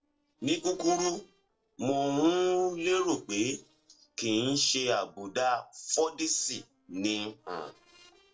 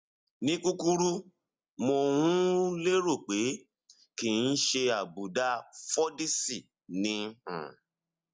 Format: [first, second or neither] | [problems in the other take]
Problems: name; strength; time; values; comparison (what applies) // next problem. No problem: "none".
second | noise reduction (neural separator model SepFormer DNS4)